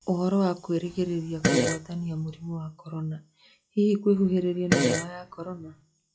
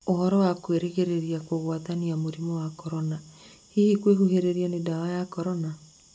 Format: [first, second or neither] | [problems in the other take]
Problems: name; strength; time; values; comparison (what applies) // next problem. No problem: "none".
second | noise reduction (classical method log-MMSE)